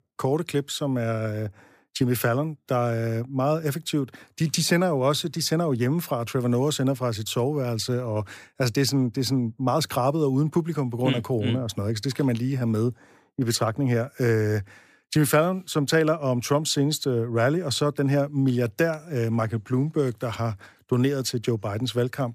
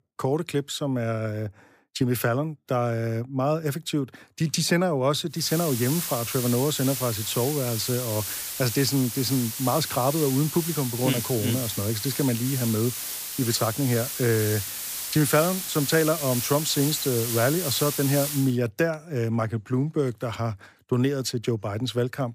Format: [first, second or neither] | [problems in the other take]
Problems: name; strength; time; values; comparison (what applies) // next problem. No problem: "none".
first | hiss; loud; from 5.5 to 18 s; 4 dB below the speech